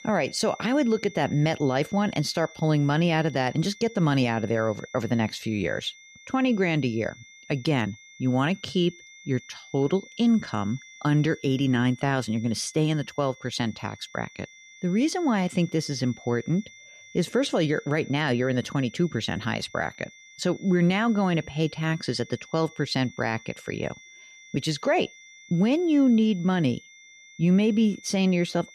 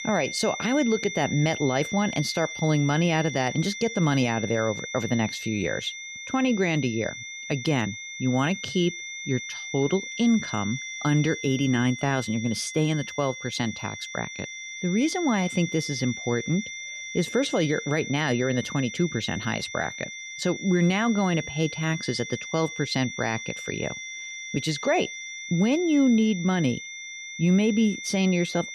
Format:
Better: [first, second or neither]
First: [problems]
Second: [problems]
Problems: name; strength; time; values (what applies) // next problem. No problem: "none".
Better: first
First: high-pitched whine; faint; throughout; 2 kHz, 20 dB below the speech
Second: high-pitched whine; loud; throughout; 2 kHz, 8 dB below the speech